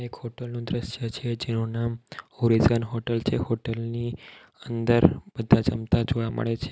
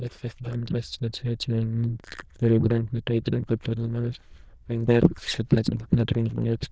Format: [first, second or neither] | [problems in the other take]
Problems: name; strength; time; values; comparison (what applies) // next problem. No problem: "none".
first | noise reduction (neural diffusion model UNIVERSE++)